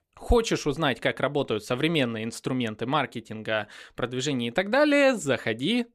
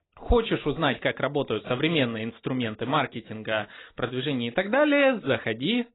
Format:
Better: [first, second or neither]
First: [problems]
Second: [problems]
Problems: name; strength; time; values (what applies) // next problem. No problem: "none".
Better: first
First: none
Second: garbled, watery; badly; nothing above 4 kHz